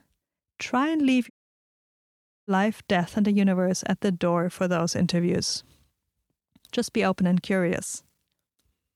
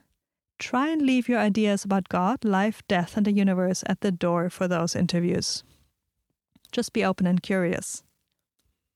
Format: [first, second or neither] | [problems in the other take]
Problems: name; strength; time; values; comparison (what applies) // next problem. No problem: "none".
second | audio cutting out; at 1.5 s for 1 s